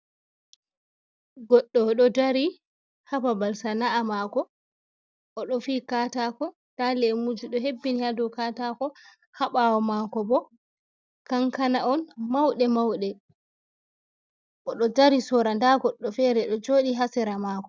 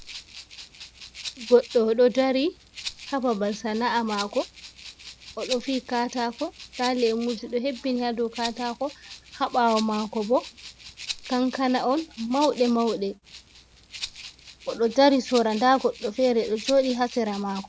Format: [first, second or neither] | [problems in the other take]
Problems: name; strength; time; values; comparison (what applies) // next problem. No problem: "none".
first | background sound (Rattle (instrument)); 15 dB below the speech